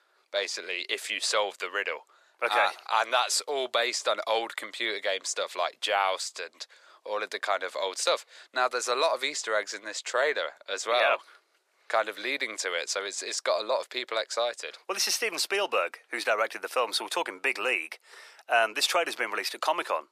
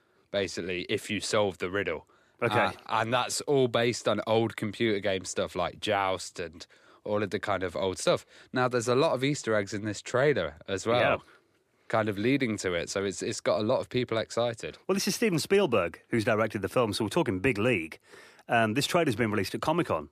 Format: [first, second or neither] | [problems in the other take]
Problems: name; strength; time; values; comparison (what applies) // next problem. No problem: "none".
second | thin; very; fading below 600 Hz